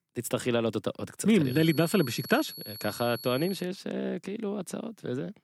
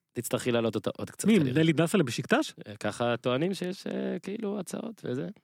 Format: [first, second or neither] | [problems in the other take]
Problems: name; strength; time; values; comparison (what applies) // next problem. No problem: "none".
second | high-pitched whine; noticeable; from 1.5 to 3.5 s; 4.5 kHz, 10 dB below the speech